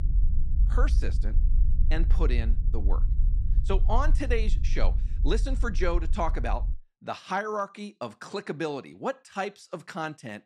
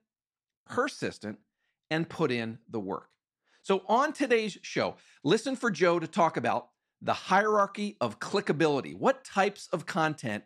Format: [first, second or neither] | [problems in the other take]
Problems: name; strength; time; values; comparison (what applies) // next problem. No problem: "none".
second | low rumble; noticeable; until 6.5 s; 15 dB below the speech